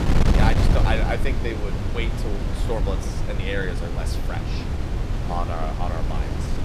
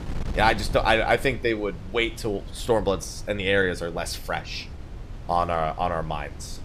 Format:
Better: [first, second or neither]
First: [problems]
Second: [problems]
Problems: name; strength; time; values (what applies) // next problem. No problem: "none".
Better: second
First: wind noise on the microphone; heavy; 3 dB below the speech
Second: wind noise on the microphone; occasional gusts; 20 dB below the speech